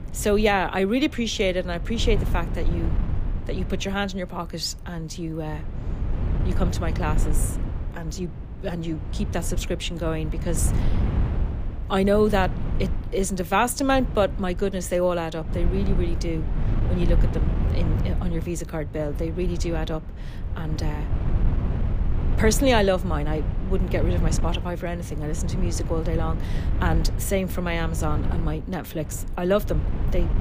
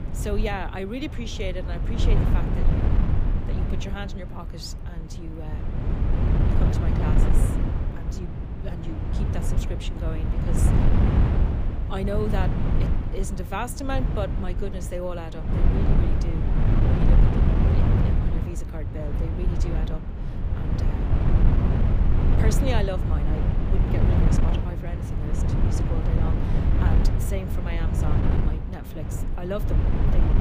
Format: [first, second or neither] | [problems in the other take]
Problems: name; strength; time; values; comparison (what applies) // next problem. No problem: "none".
first | wind noise on the microphone; heavy; 1 dB above the speech; occasional gusts in the first